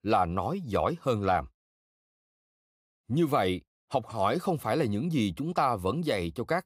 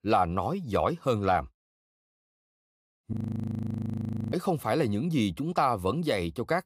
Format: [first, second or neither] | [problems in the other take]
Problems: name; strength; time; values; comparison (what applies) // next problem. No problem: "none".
first | audio freezing; at 3 s for 1 s